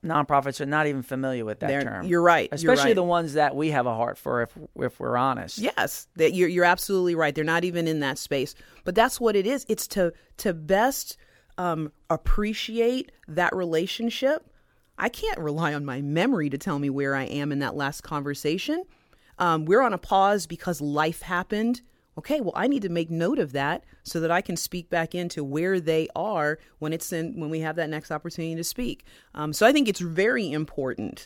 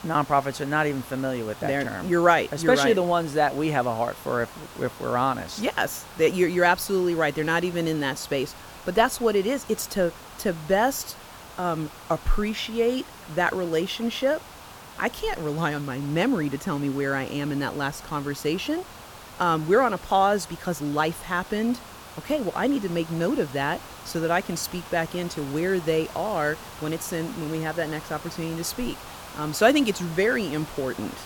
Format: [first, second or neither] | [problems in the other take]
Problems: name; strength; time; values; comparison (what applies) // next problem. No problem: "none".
first | hiss; noticeable; throughout; 15 dB below the speech